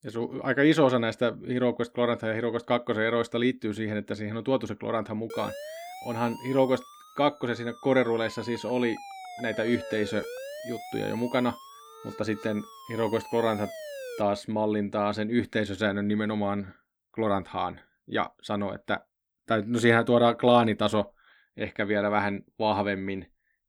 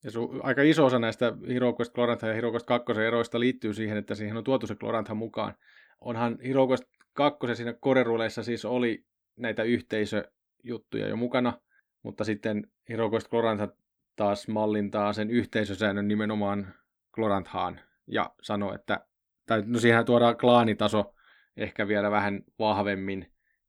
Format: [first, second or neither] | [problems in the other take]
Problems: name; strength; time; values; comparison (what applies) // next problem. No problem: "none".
second | siren; faint; from 5.5 to 14 s; peak 10 dB below the speech